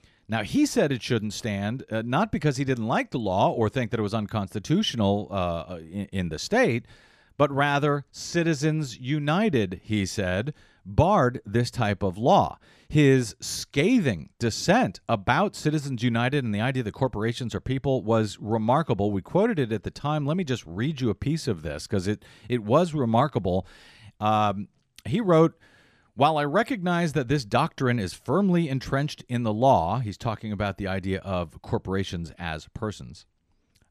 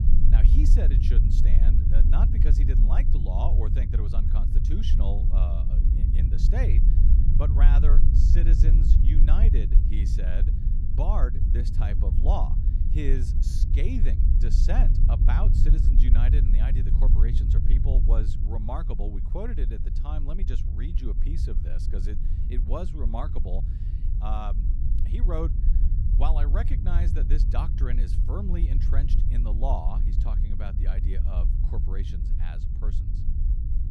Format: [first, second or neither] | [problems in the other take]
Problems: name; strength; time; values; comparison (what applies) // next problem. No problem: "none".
first | low rumble; loud; throughout; 4 dB below the speech